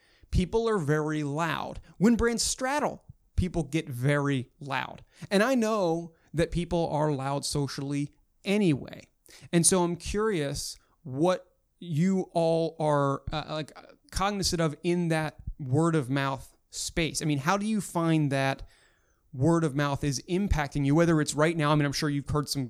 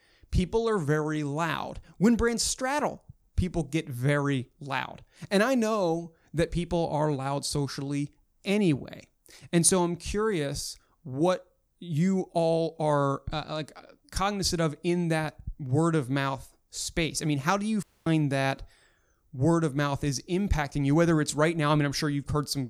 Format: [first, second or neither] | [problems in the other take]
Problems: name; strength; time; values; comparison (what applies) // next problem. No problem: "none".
first | audio cutting out; at 18 s